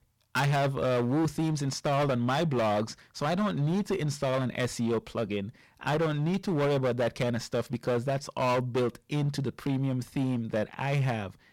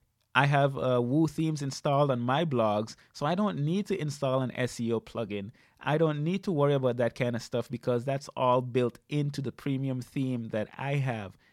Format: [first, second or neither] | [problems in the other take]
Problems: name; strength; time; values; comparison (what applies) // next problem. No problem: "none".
second | distortion; heavy; 16% of the sound clipped